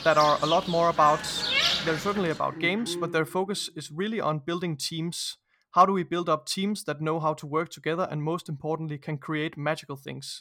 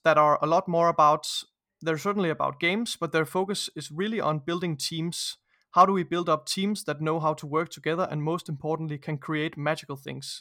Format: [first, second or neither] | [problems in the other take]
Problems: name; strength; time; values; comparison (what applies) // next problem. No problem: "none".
second | animal sounds; loud; until 3 s; 2 dB below the speech